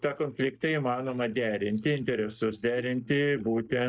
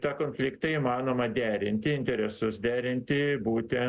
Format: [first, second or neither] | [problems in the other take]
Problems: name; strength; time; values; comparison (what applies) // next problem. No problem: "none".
second | noise reduction (neural mask model DeepFilterNet 3)